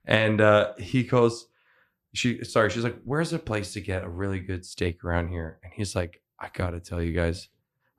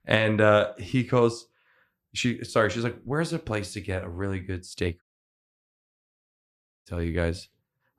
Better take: first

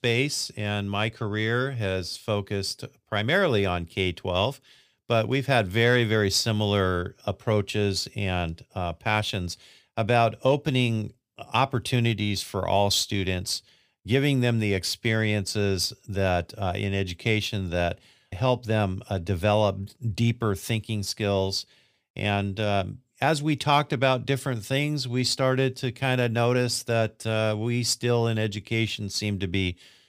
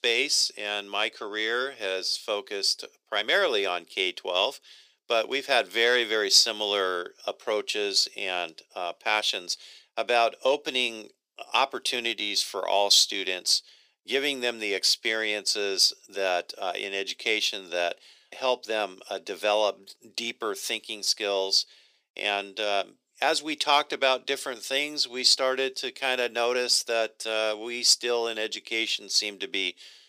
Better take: first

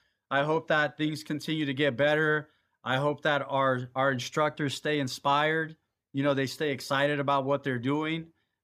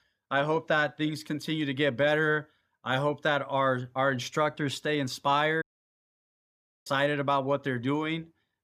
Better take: first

